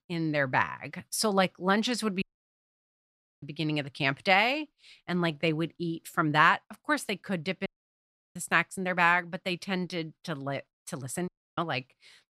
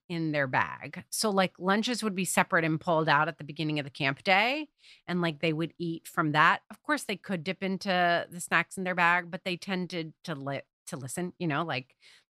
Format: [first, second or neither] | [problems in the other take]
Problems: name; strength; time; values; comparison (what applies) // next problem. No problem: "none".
second | audio cutting out; at 2 s for 1 s, at 7.5 s for 0.5 s and at 11 s